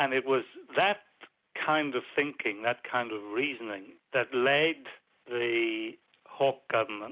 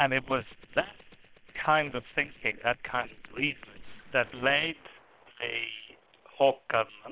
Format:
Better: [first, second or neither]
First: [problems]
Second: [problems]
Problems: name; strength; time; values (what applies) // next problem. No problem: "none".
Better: first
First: none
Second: noise reduction (neural separator model SepFormer WHAM!)